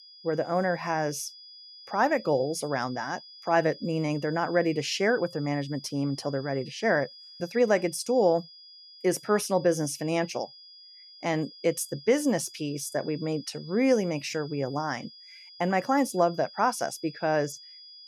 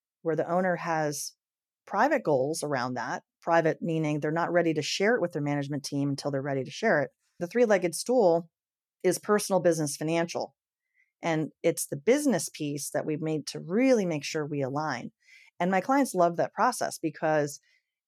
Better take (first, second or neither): second